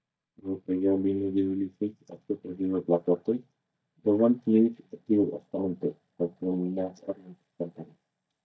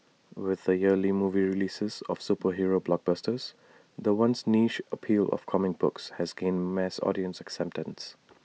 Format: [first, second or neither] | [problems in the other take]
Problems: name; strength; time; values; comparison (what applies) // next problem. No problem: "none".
second | noise reduction (neural mask model DeepFilterNet 3)